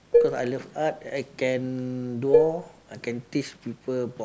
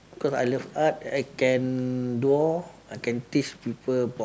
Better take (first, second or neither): second